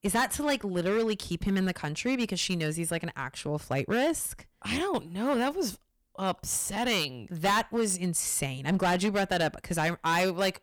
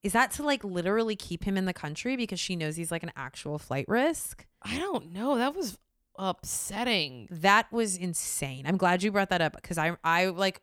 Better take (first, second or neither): second